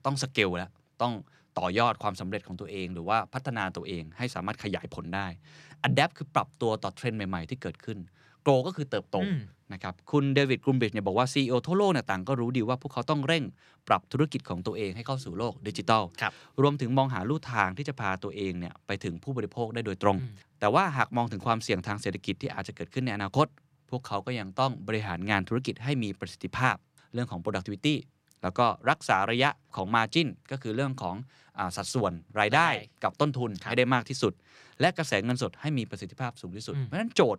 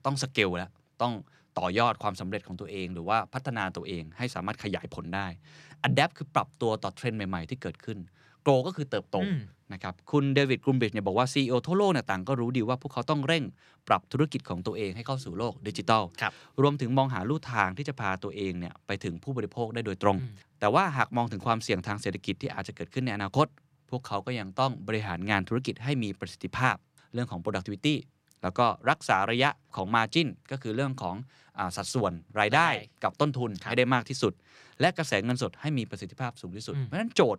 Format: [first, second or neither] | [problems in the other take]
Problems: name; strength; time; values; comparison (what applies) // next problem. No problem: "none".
neither | none